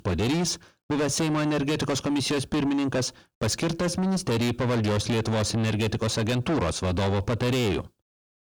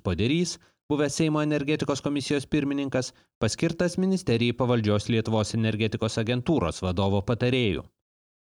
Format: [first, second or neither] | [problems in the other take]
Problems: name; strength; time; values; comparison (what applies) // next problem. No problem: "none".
second | distortion; heavy; 6 dB below the speech